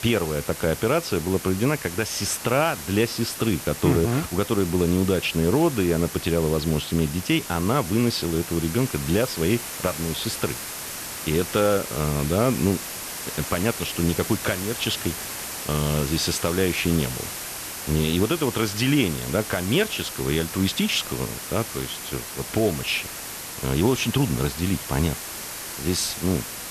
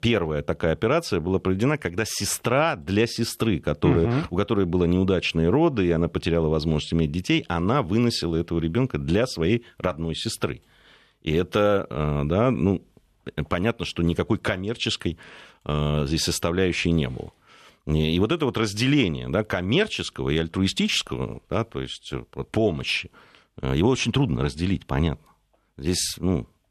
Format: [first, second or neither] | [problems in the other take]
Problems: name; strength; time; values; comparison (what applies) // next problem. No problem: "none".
second | hiss; loud; throughout; 8 dB below the speech